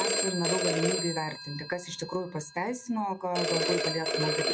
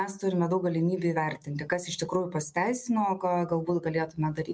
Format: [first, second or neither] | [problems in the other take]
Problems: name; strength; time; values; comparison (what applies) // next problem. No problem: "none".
second | background sound (Telephone); 1 dB above the speech